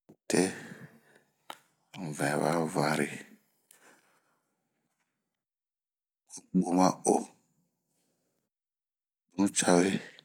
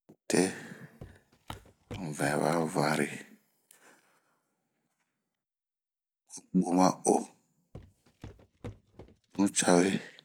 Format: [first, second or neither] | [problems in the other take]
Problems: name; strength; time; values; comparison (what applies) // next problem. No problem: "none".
first | background sound (Walk, footsteps); 18 dB below the speech